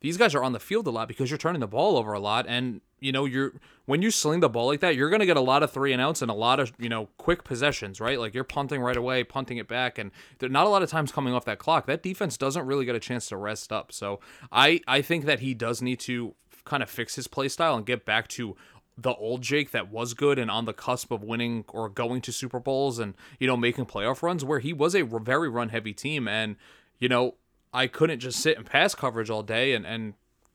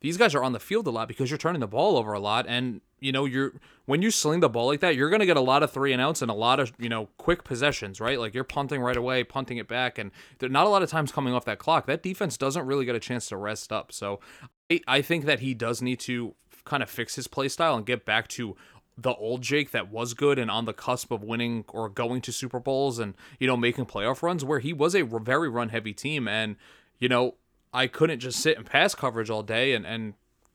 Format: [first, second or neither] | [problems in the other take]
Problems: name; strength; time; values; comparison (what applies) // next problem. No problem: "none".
first | audio cutting out; at 15 s